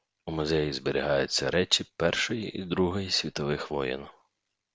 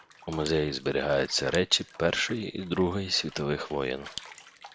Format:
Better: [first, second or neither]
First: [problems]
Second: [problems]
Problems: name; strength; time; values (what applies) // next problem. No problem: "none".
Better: first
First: none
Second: background sound (Bathtub (filling or washing) / Water + Fire); 18 dB below the speech